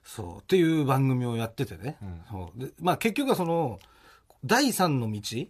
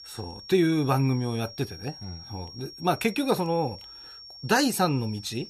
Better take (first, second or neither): first